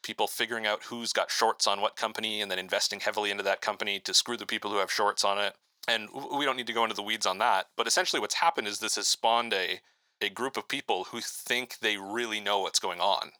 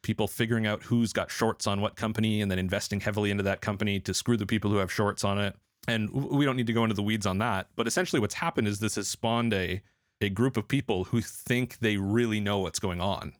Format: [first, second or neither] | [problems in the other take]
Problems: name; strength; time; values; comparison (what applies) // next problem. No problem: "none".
second | thin; very; fading below 600 Hz